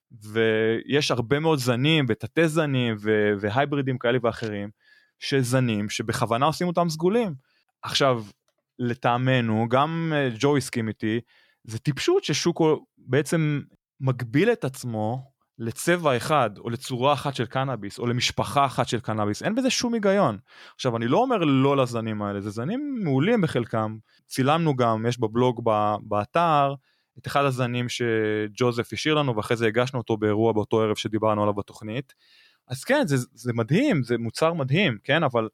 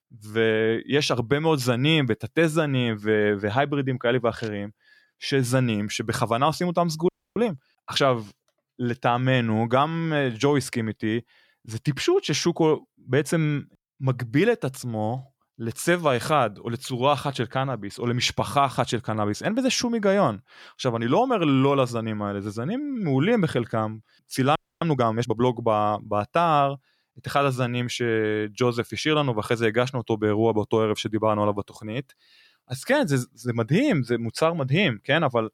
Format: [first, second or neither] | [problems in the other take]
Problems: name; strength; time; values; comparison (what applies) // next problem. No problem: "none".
first | audio freezing; at 7 s and at 25 s